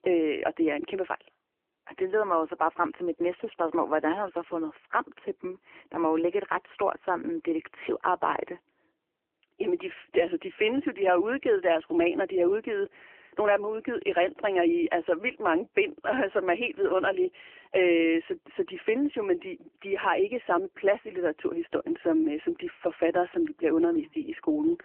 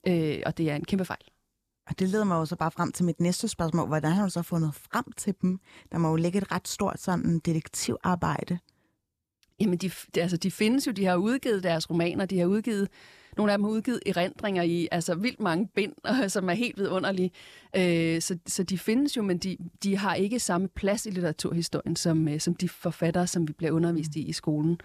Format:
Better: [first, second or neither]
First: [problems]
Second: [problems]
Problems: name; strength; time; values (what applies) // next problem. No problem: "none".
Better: second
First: phone-call audio; nothing above 3 kHz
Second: none